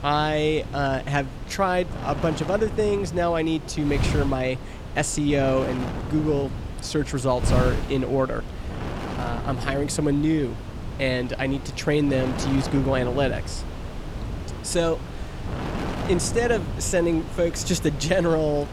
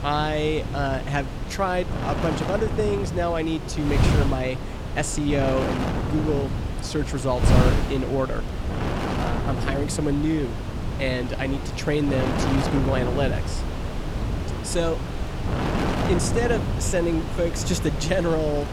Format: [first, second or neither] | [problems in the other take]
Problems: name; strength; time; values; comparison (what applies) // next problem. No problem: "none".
first | wind noise on the microphone; heavy; 4 dB below the speech; occasional gusts in the first